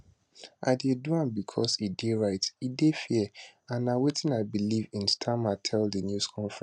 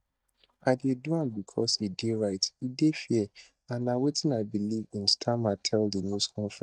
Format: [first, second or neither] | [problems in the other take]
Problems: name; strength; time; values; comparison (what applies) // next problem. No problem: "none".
first | noise reduction (neural mask model DeepFilterNet 3)